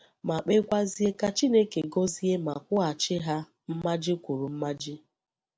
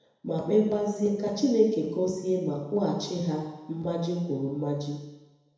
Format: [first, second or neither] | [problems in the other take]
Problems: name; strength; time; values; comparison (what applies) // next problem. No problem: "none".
first | room echo; dies away in 1 s